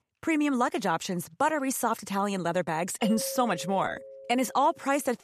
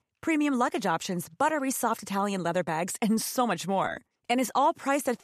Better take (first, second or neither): second